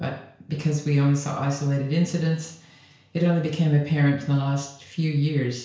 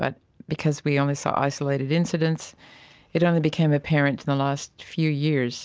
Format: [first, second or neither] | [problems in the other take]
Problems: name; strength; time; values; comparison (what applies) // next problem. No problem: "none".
second | room echo; dies away in 0.5 s